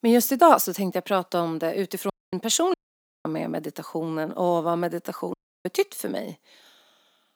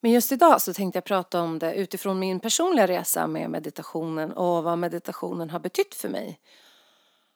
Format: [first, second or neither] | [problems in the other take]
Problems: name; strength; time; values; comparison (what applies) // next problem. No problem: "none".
second | audio cutting out; at 2 s, at 2.5 s for 0.5 s and at 5.5 s